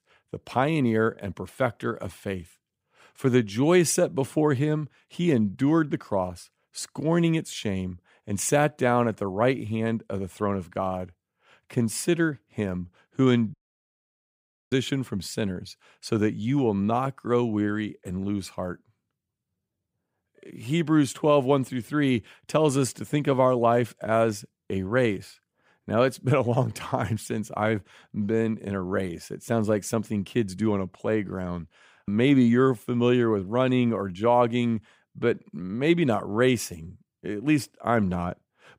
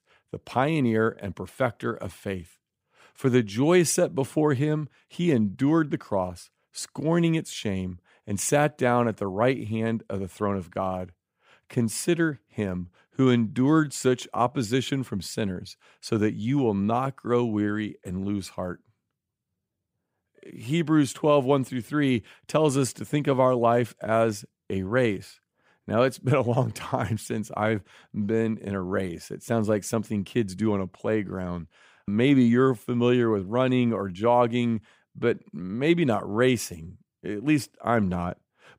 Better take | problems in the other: second | audio cutting out; at 14 s for 1 s

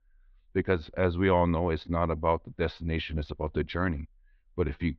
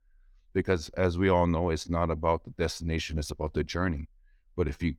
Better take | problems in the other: second | muffled; slightly; fading above 3.5 kHz

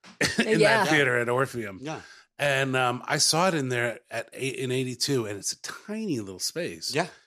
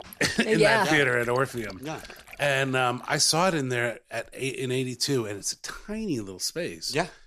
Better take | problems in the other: first | animal sounds; noticeable; throughout; 20 dB below the speech

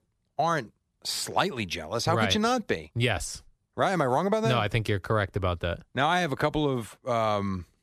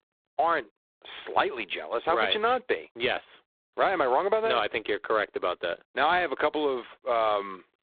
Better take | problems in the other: first | phone-call audio; poor line; nothing above 3.5 kHz

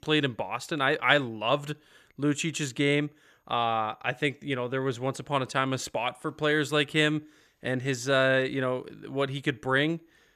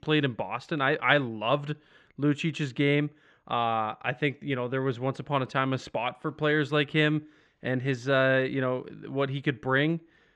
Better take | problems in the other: first | muffled; slightly; fading above 3.5 kHz

